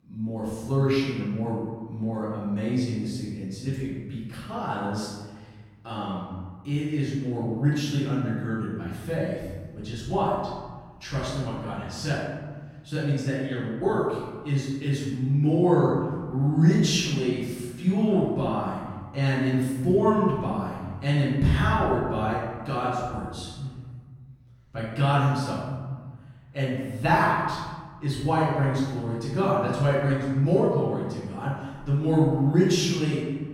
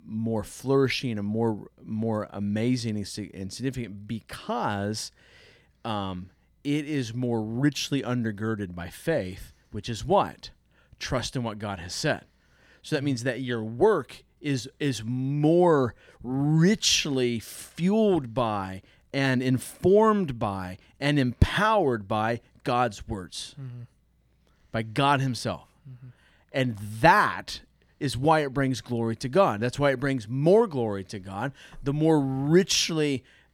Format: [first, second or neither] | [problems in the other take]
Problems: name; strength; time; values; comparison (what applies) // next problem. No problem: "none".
second | room echo; strong; dies away in 1.5 s // off-mic speech; far